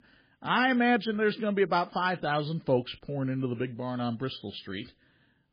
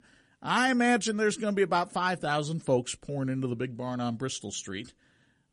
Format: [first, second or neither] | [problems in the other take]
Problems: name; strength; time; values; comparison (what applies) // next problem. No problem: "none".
second | garbled, watery; badly; nothing above 5 kHz; slightly in the second